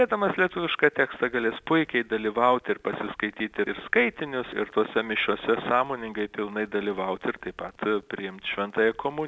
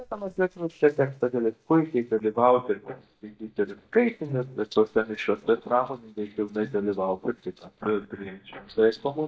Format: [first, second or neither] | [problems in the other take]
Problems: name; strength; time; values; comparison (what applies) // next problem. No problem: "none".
first | noise reduction (neural mask model DeepFilterNet 3)